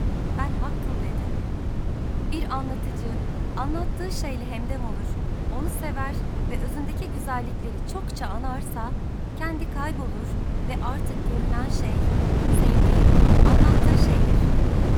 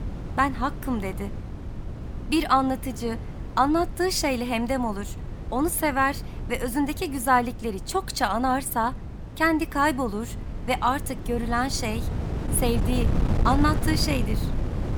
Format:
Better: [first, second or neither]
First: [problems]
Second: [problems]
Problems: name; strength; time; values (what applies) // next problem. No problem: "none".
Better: second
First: wind noise on the microphone; heavy; 2 dB above the speech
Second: wind noise on the microphone; occasional gusts; 15 dB below the speech